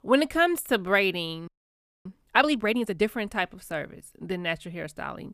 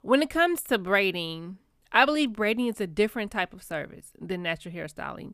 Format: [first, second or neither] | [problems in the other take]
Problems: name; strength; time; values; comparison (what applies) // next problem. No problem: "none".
second | audio freezing; at 1.5 s for 0.5 s